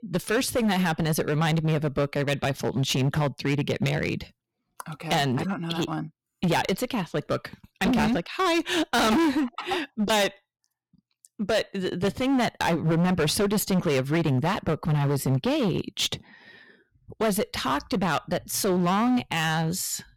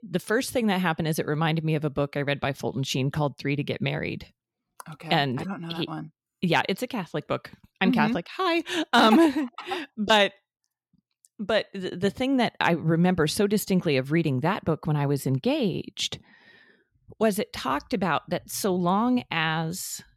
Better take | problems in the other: second | distortion; heavy; 15% of the sound clipped

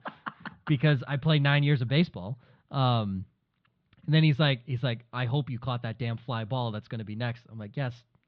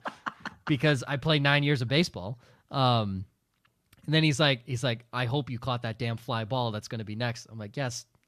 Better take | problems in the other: second | muffled; very slightly; fading above 4 kHz

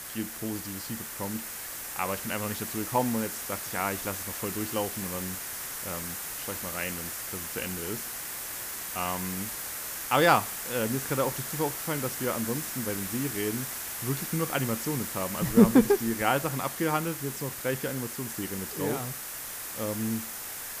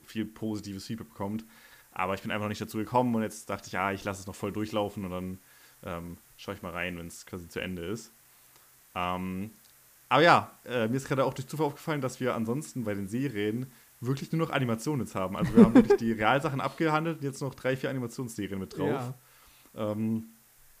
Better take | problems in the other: second | hiss; loud; throughout; 4 dB below the speech; faint in the second

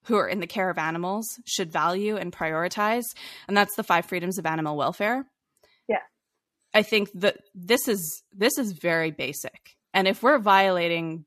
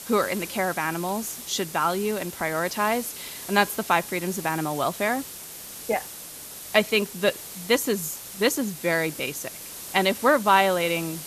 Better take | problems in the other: first | hiss; noticeable; throughout; 10 dB below the speech

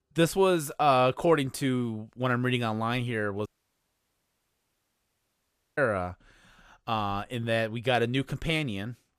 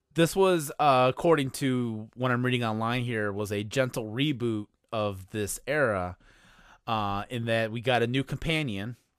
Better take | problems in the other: second | audio cutting out; at 3.5 s for 2.5 s

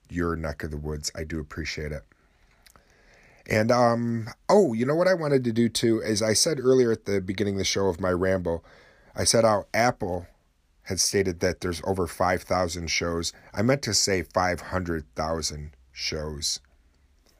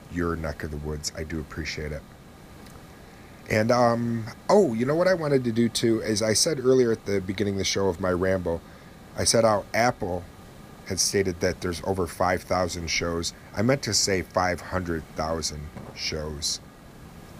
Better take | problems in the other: first | hiss; faint; throughout; 20 dB below the speech

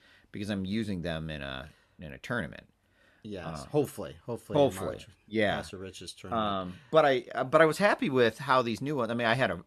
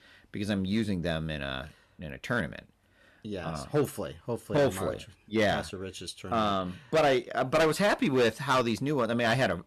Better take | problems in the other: first | distortion; heavy; 5% of the sound clipped

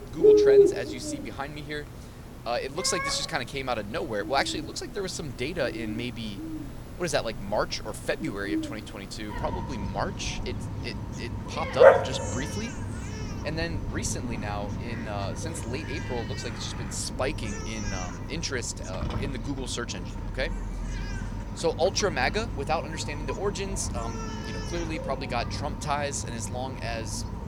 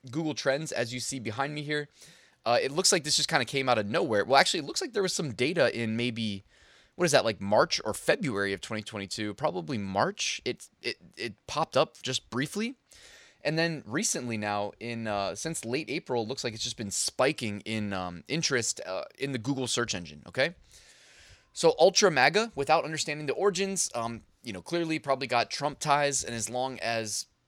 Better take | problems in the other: second | animal sounds; very loud; throughout; 3 dB above the speech

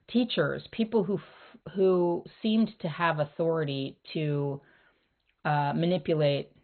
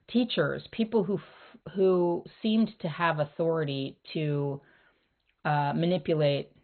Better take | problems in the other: neither | garbled, watery; badly; nothing above 4 kHz; the same in both

